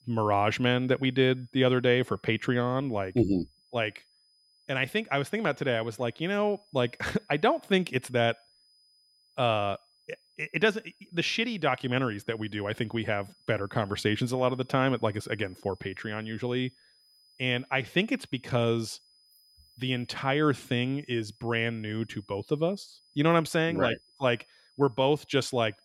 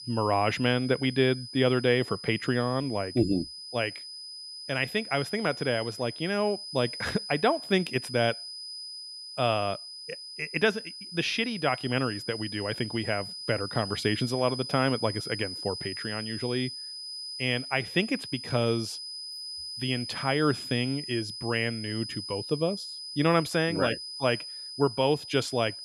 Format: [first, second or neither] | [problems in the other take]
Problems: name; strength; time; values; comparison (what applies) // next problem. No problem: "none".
first | high-pitched whine; loud; throughout; 5 kHz, 9 dB below the speech; faint in the first